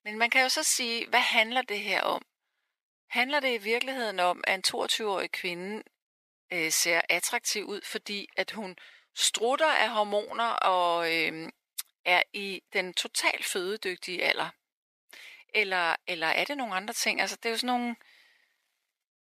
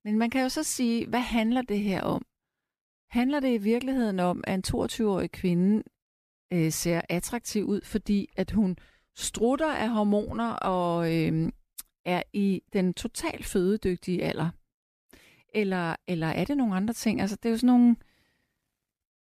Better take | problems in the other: second | thin; very; fading below 700 Hz

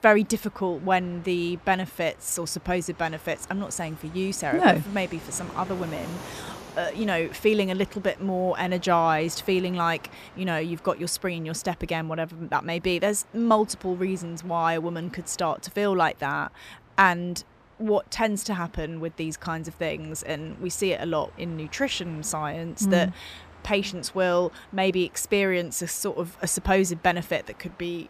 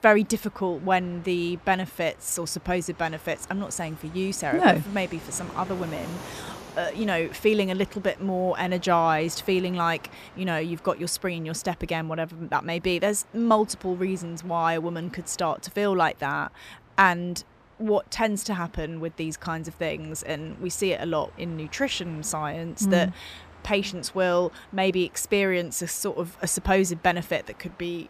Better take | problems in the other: neither | train or aircraft noise; faint; throughout; 20 dB below the speech; the same in both

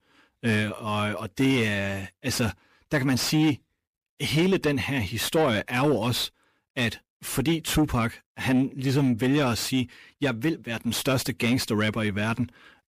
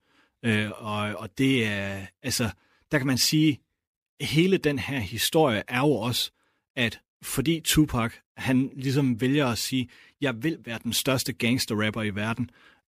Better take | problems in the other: second | distortion; slight; 10 dB below the speech

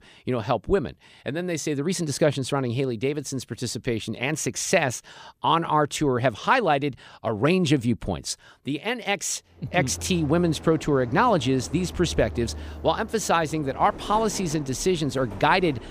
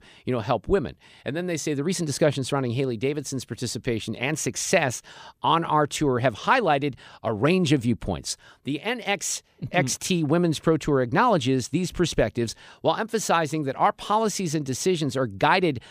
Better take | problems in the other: second | train or aircraft noise; noticeable; from 10 s on; 15 dB below the speech

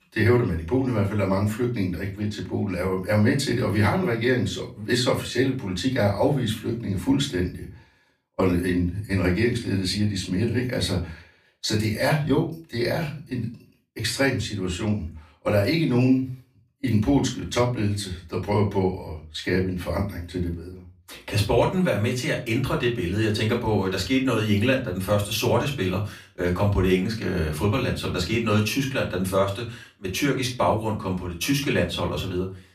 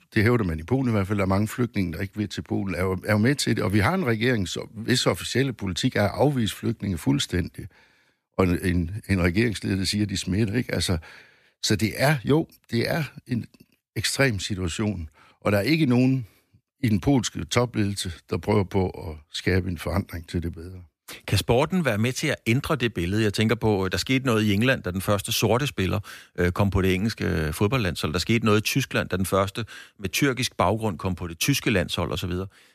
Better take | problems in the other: second | off-mic speech; far // room echo; very slight; dies away in 0.3 s

